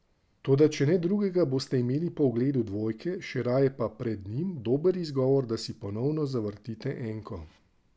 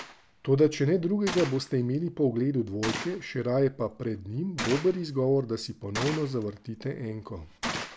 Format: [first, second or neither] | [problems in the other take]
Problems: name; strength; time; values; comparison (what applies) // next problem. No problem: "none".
first | background sound (Gunshot, gunfire); 12 dB below the speech